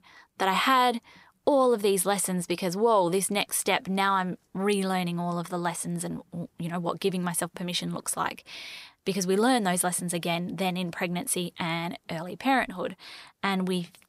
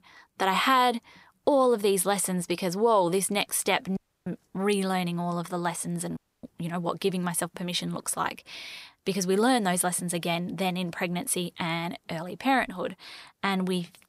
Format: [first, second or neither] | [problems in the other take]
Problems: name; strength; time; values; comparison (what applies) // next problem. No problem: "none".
first | audio cutting out; at 4 s and at 6 s